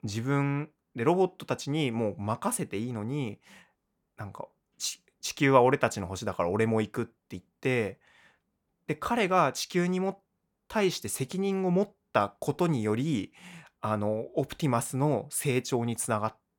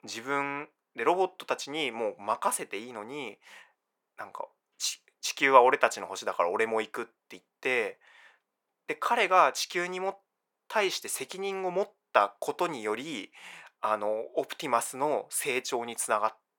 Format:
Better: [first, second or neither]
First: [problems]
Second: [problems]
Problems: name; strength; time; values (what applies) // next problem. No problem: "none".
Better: first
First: none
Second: thin; very; fading below 550 Hz